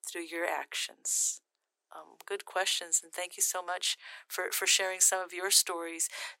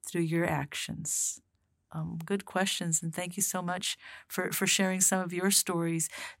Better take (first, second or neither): second